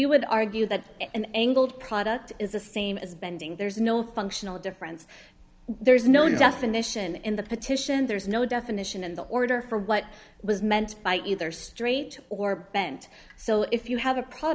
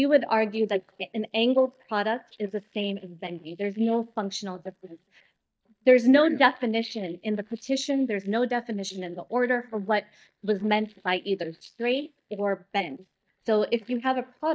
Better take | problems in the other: first | noise reduction (neural mask model DeepFilterNet 3)

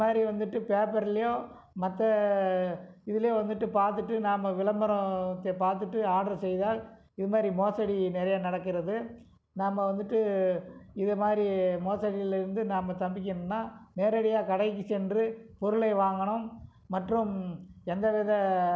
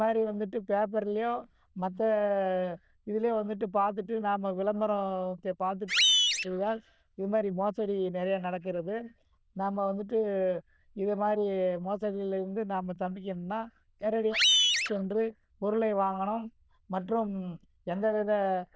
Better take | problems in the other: first | noise reduction (neural diffusion model UNIVERSE++)

